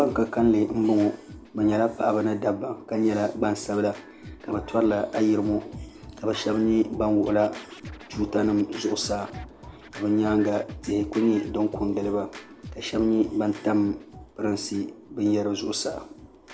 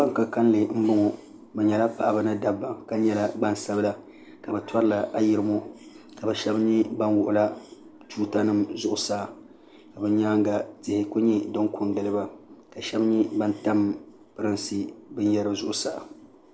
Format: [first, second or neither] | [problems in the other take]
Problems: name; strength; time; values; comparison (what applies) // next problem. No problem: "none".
second | background sound (Scratching (performance technique)); 18 dB below the speech